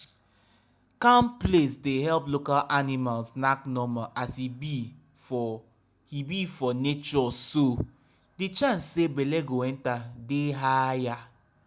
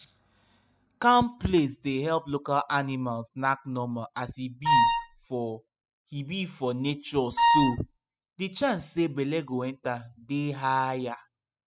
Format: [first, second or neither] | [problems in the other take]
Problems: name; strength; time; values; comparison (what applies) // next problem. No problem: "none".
first | noise reduction (classical method spectral subtraction)